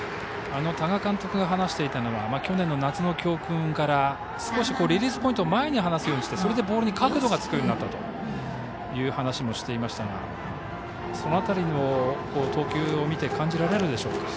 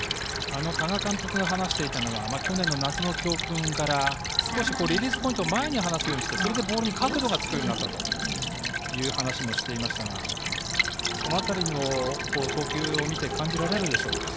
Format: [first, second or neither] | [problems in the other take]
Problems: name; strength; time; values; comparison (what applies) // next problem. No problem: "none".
first | background sound (Stream / Trickle, dribble); 2 dB below the speech